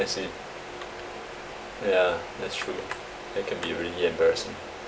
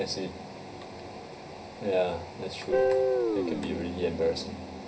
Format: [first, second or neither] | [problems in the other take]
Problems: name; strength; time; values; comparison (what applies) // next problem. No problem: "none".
first | background sound (Guitar); 1 dB above the speech // room echo; dies away in 0.4 s